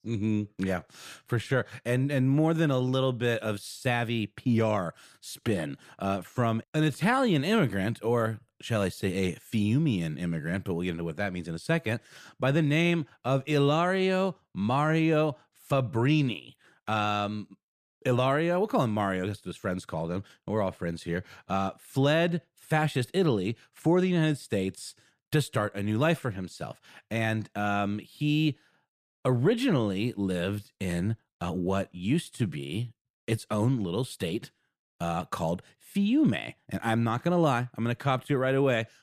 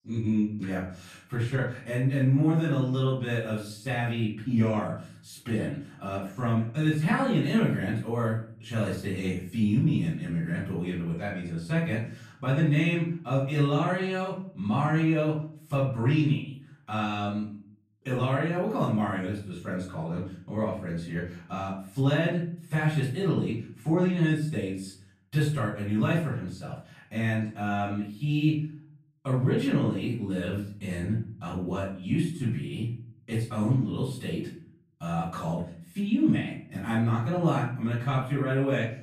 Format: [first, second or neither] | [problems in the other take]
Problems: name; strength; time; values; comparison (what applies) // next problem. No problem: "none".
first | off-mic speech; far // room echo; noticeable; dies away in 0.5 s